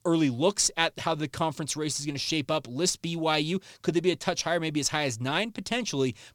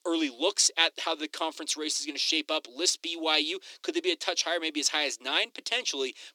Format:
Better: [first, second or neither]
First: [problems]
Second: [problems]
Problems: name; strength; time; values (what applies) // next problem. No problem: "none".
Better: first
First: none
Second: thin; somewhat; fading below 300 Hz